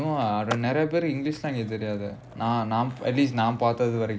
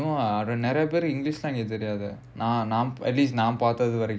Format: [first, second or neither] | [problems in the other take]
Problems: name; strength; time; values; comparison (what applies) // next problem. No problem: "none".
second | background sound (Skateboard); 17 dB below the speech